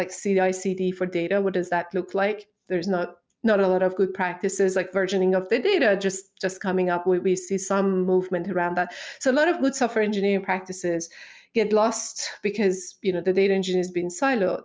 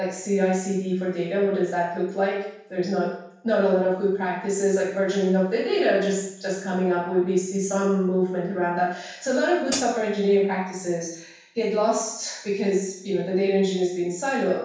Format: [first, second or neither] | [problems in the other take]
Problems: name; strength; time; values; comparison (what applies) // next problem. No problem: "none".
first | background sound (Hi-hat); 7 dB below the speech // room echo; dies away in 0.7 s